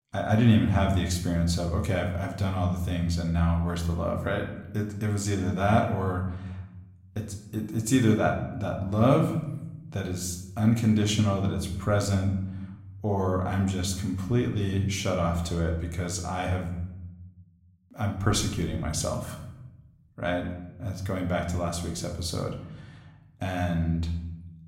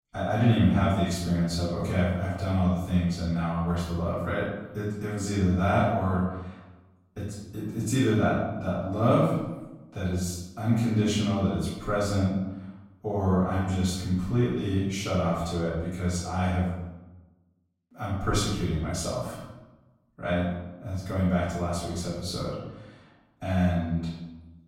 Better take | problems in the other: first | room echo; strong; dies away in 0.9 s; slight in the first // off-mic speech; far; somewhat distant in the first

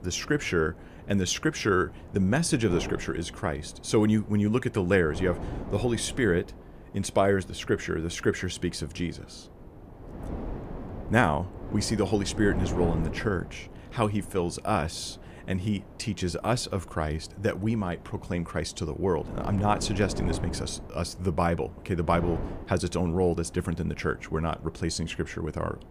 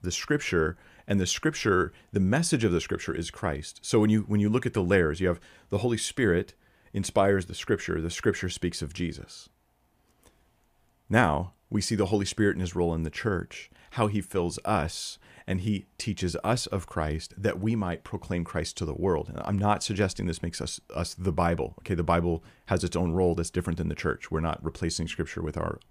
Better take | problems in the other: second | wind noise on the microphone; occasional gusts; 15 dB below the speech

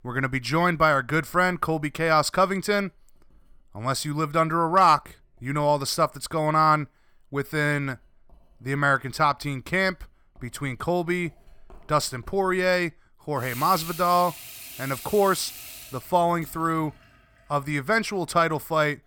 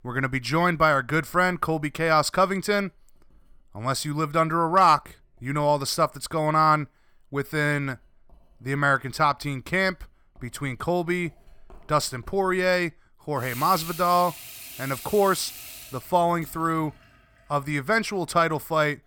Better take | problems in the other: neither | household noises; noticeable; throughout; 15 dB below the speech; the same in both

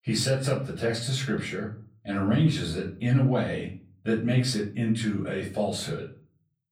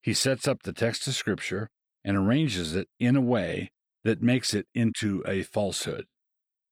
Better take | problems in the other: second | off-mic speech; far // room echo; slight; dies away in 0.4 s

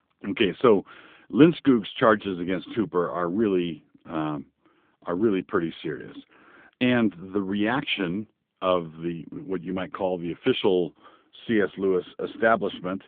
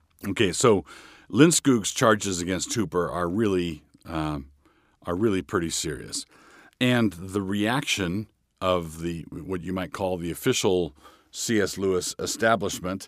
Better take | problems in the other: second | phone-call audio; nothing above 3.5 kHz

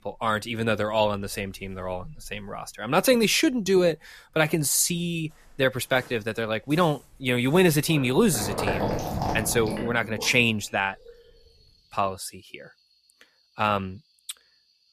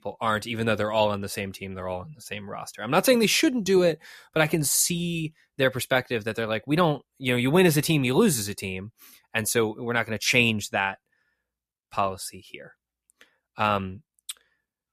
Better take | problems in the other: second | rain or running water; loud; throughout; 8 dB below the speech

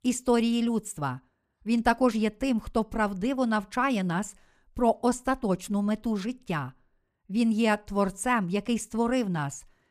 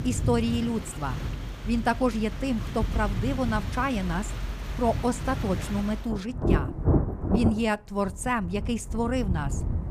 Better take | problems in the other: first | rain or running water; loud; throughout; 3 dB below the speech

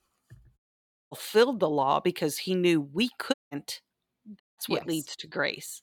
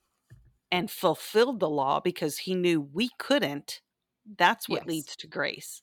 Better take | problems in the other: second | audio cutting out; at 0.5 s for 0.5 s, at 3.5 s and at 4.5 s

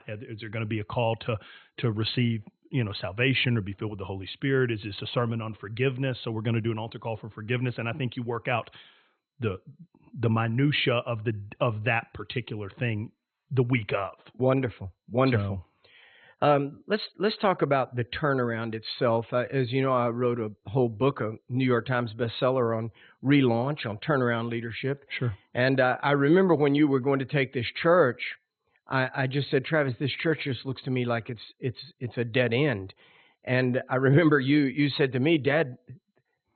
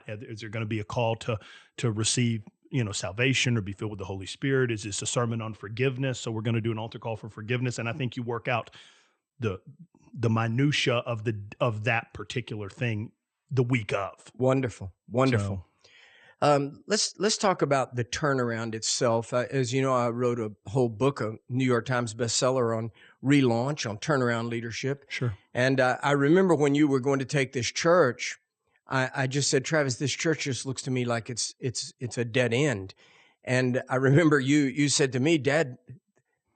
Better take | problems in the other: second | garbled, watery; badly; nothing above 4 kHz; slightly in the second

